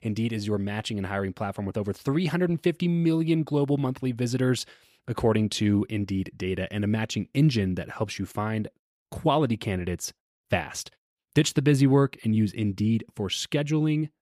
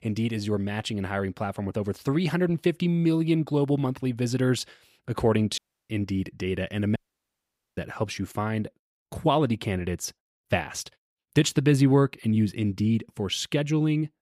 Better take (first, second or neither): first